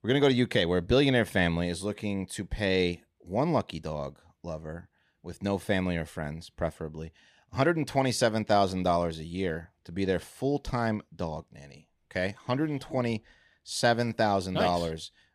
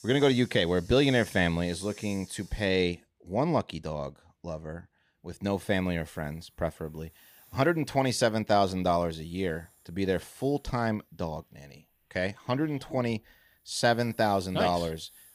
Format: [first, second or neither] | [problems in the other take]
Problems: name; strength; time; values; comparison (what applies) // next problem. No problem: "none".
first | hiss; faint; throughout; 25 dB below the speech